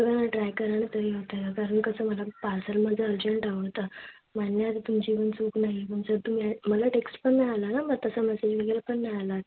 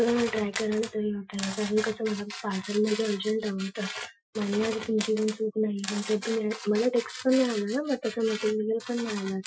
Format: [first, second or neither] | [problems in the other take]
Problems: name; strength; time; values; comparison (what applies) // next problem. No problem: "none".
first | noise reduction (classical method Wiener filter)